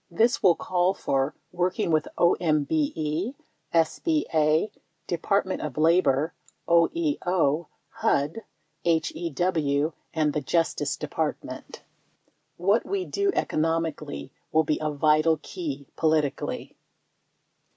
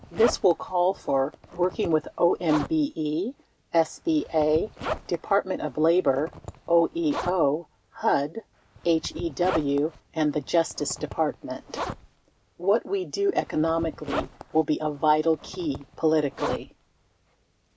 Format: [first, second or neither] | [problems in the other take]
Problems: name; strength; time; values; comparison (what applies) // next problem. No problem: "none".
first | background sound (Zipper (clothing)); 13 dB below the speech